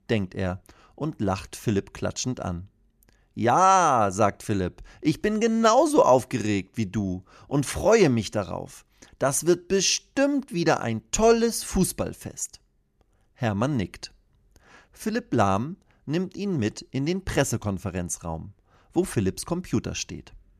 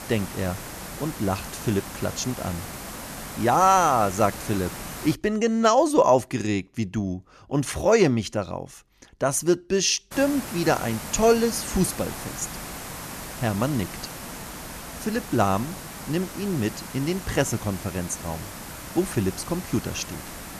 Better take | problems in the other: first | hiss; noticeable; until 5 s and from 10 s on; 10 dB below the speech

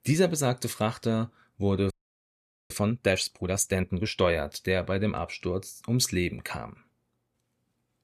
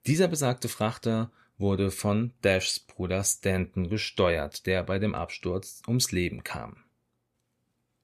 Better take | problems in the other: second | audio freezing; at 2 s for 1 s

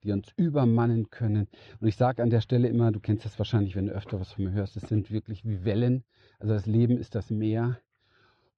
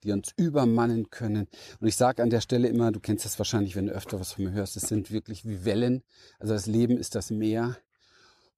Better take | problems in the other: second | muffled; slightly; fading above 3.5 kHz

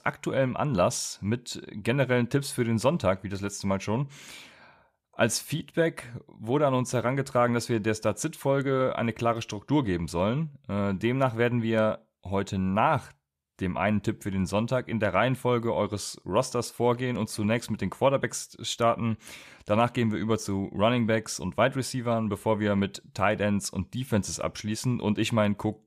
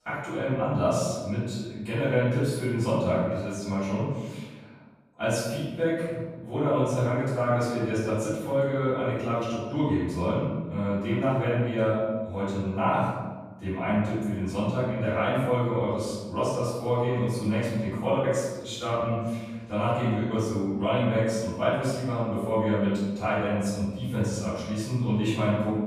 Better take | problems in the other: first | off-mic speech; far // room echo; strong; dies away in 1.3 s

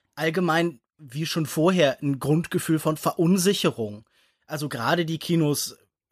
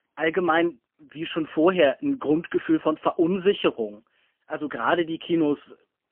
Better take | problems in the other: first | phone-call audio; poor line; nothing above 3 kHz

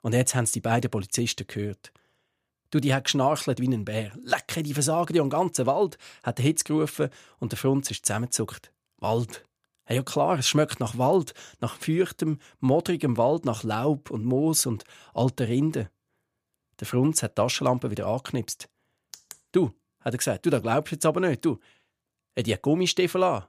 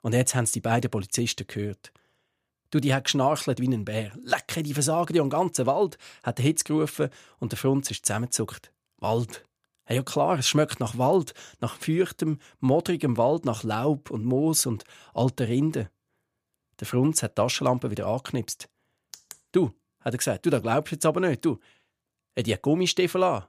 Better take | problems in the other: neither | none

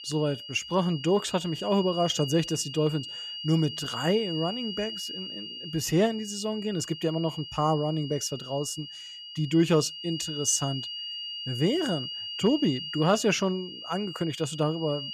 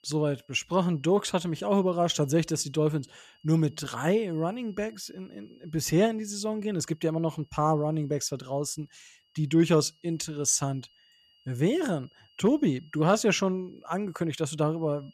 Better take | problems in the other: second | high-pitched whine; loud; throughout; 3 kHz, 8 dB below the speech; faint in the second

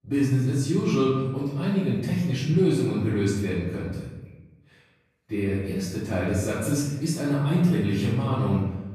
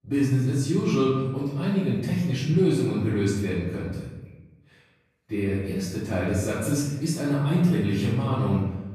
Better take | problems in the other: neither | off-mic speech; far; the same in both // room echo; strong; dies away in 1 s; the same in both

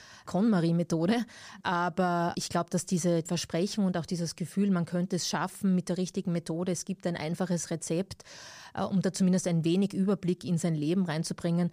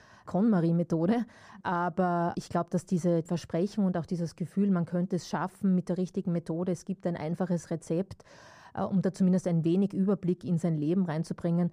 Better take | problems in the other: first | muffled; slightly; fading above 2 kHz

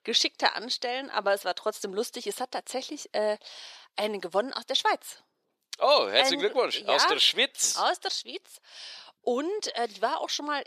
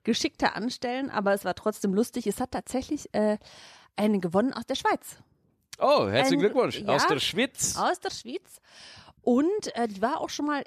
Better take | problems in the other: second | thin; somewhat; fading below 500 Hz

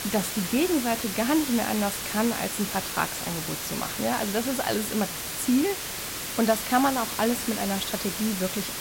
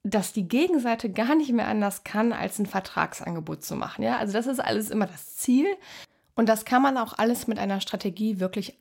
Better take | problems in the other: second | hiss; loud; throughout; 3 dB below the speech

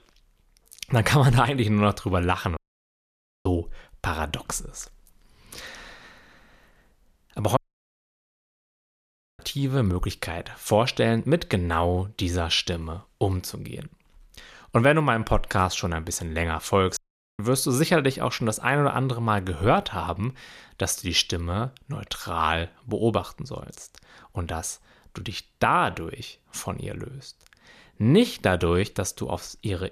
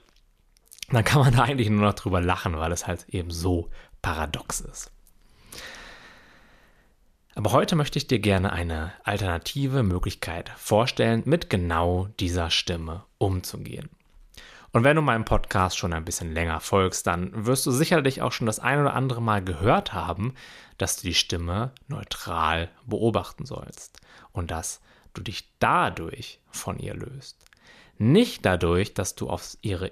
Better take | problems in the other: second | audio cutting out; at 2.5 s for 1 s, at 7.5 s for 2 s and at 17 s

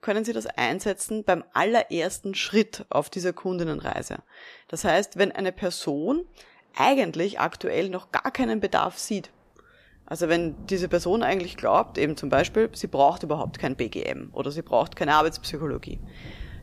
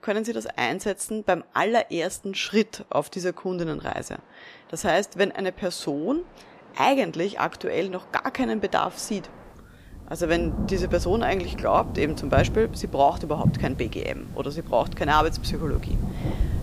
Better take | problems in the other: first | rain or running water; loud; throughout; 6 dB below the speech; faint in the first

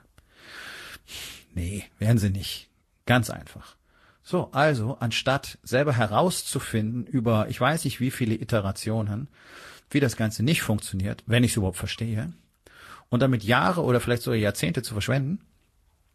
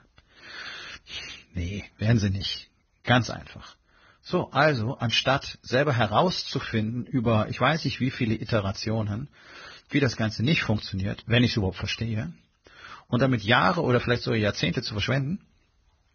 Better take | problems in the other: first | garbled, watery; badly; nothing above 6.5 kHz; slightly in the first

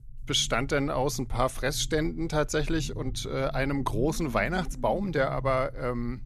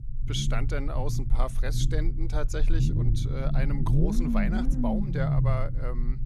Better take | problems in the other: first | low rumble; loud; throughout; 3 dB below the speech; faint in the first

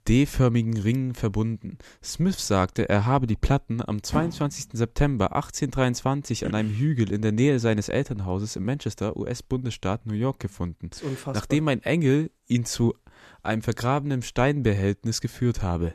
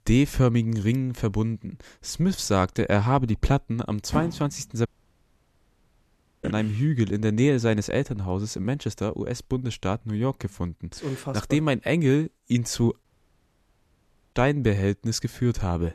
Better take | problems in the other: first | audio cutting out; at 5 s for 1.5 s and at 13 s for 1.5 s

